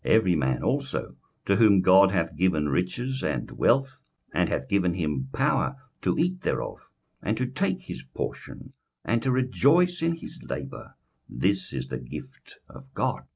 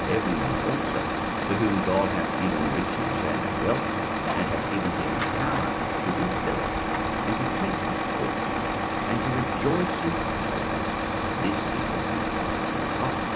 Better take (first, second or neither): first